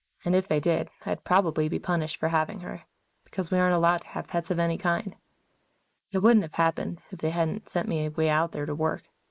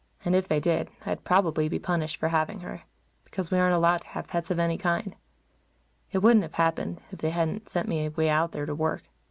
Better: second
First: noise reduction (neural mask model Resemble Enhance denoiser)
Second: none

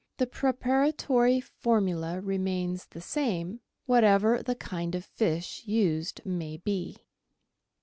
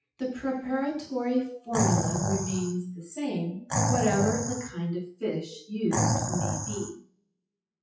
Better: first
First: none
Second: noise reduction (classical method WPE with log-MMSE)

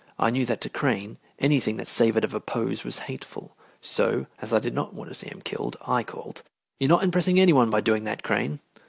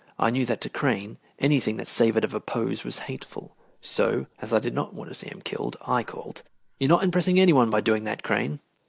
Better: first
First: none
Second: noise reduction (neural mask model Resemble Enhance denoiser)

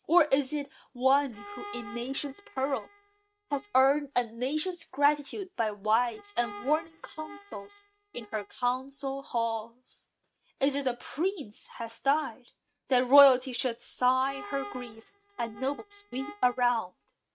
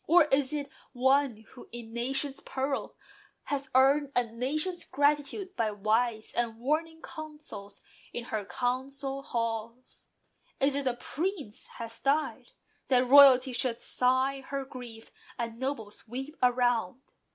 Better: second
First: noise reduction (neural mask model RNNoise)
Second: none

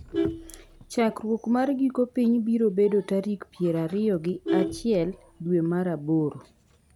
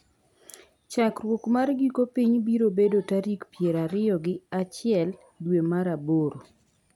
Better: second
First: background sound (Vehicle horn, car horn, honking); 10 dB below the speech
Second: none

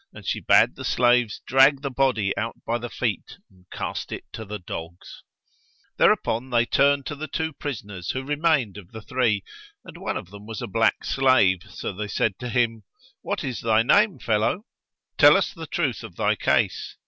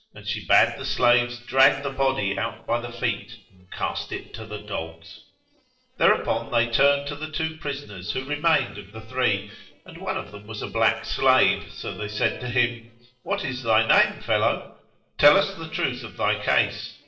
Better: first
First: none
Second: noise reduction (neural separator model SepFormer DNS4)

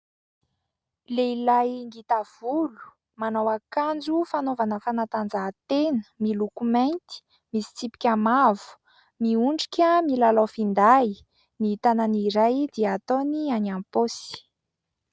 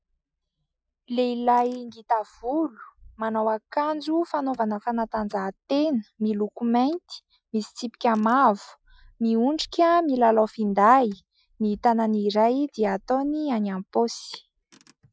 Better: first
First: none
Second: noise reduction (classical method Wiener filter)

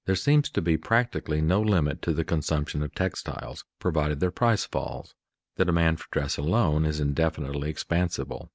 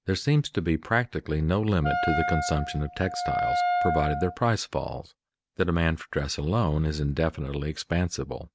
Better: first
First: none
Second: background sound (Wind instrument, woodwind instrument); 1 dB below the speech

